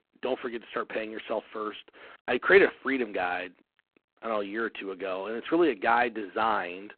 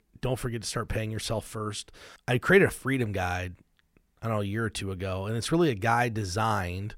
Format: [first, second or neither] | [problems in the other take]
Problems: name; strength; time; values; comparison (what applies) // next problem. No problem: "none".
second | phone-call audio; poor line; nothing above 4 kHz